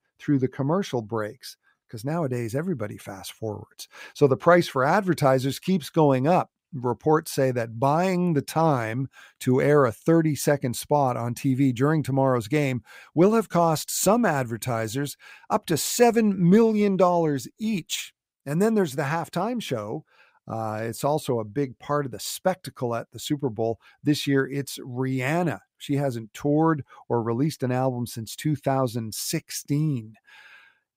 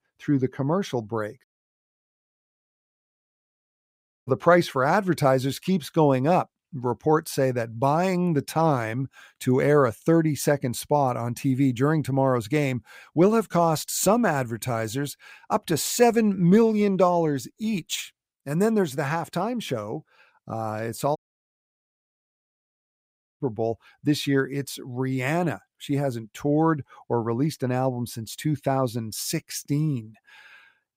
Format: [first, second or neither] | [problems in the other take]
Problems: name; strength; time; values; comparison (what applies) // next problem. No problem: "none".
first | audio cutting out; at 1.5 s for 3 s and at 21 s for 2 s